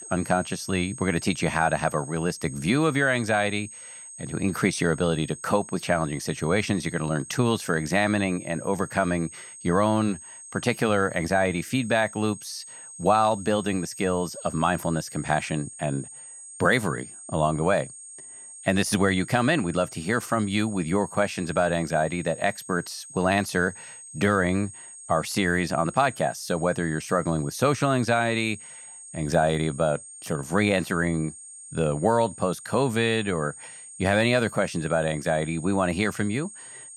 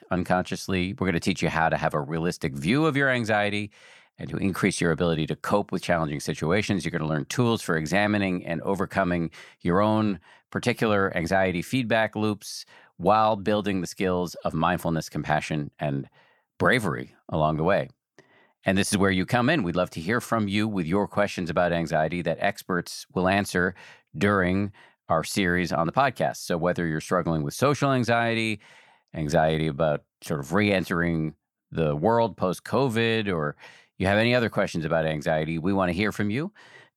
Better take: second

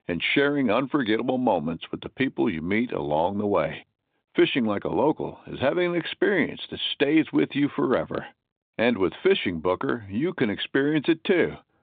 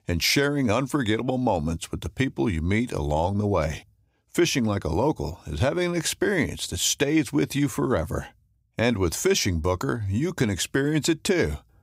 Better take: second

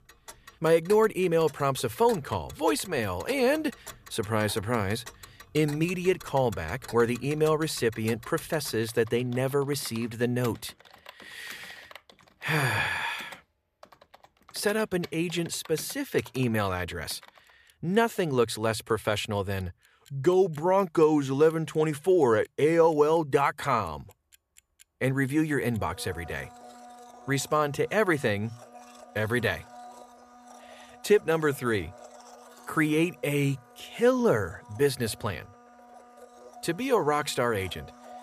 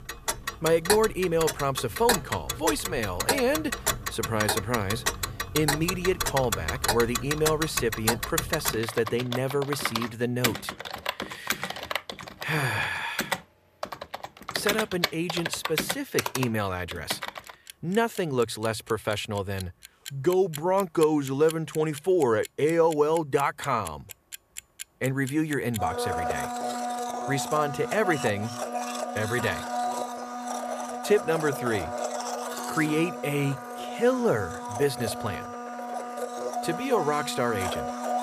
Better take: first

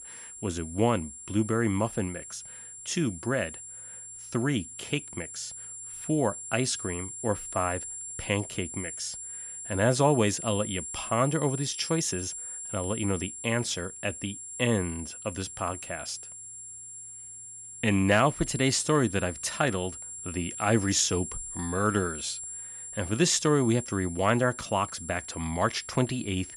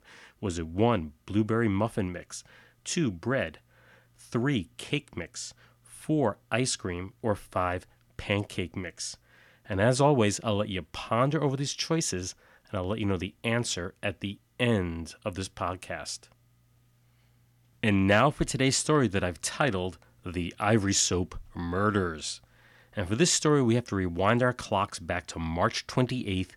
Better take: second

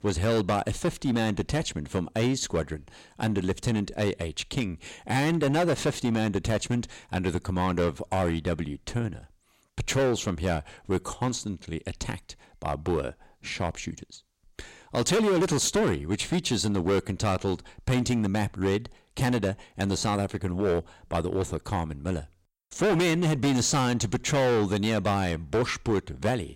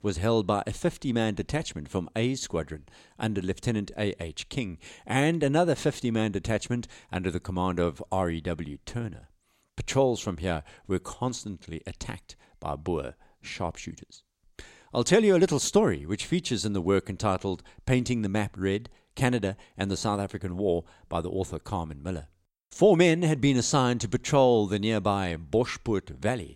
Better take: second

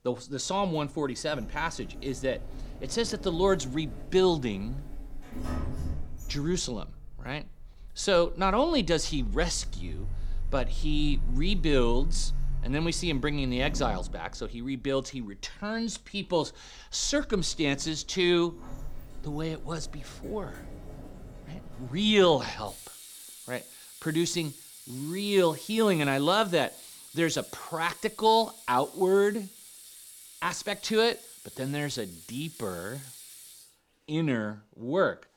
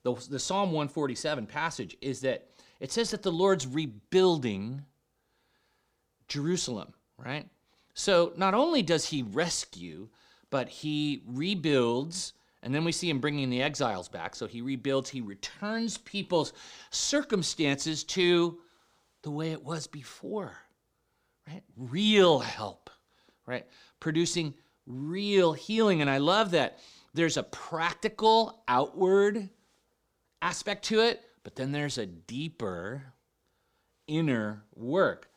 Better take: second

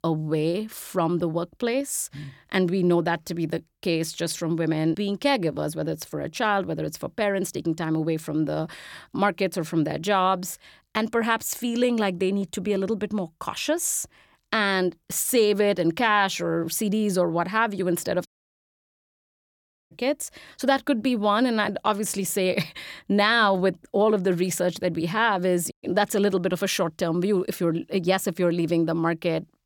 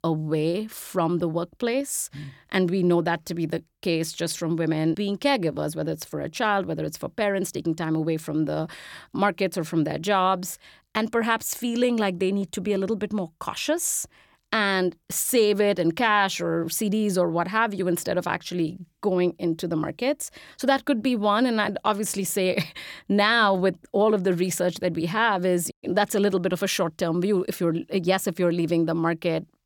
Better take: second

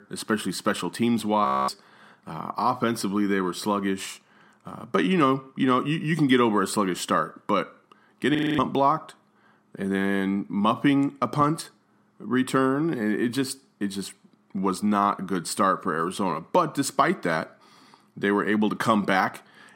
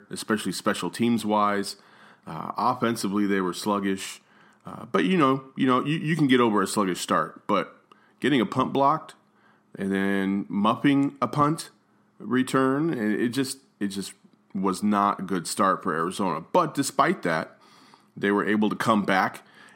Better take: second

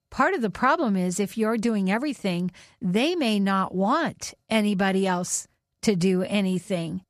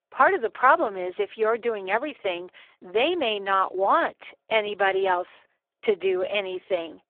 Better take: first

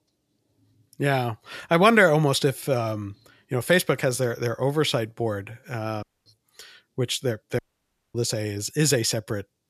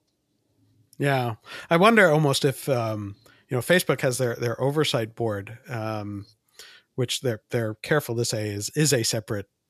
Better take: second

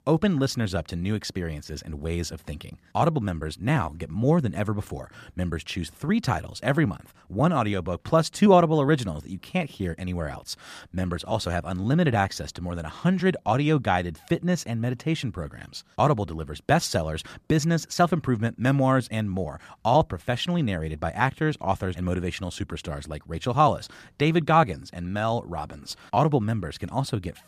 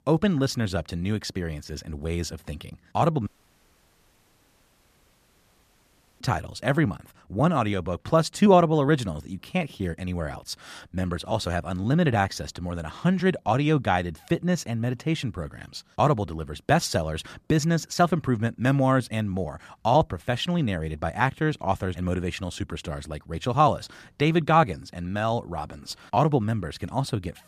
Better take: first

